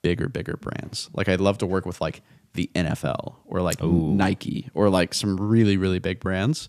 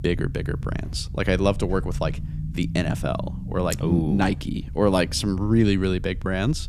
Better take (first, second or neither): first